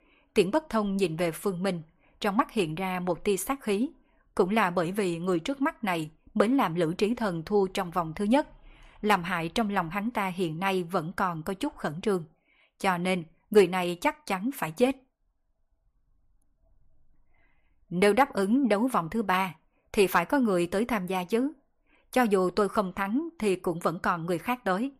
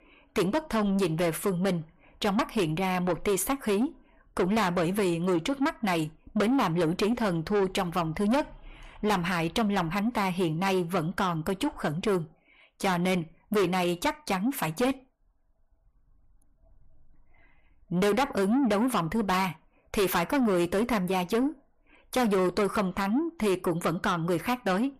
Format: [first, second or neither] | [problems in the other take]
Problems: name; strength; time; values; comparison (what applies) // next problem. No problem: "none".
first | distortion; heavy; 7 dB below the speech